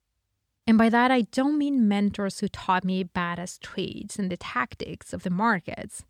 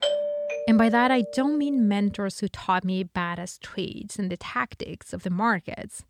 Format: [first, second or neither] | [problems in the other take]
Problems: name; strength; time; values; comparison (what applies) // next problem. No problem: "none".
first | doorbell; loud; until 1.5 s; peak level with the speech